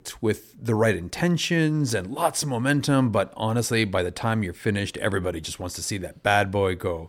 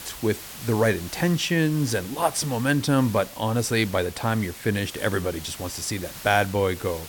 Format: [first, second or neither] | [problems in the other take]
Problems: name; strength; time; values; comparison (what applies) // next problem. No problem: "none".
first | hiss; noticeable; throughout; 15 dB below the speech